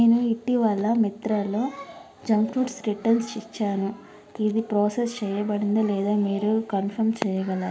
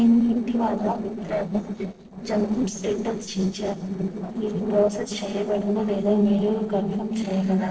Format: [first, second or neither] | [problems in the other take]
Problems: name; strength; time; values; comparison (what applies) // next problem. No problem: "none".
first | noise reduction (neural separator model SepFormer DNS4)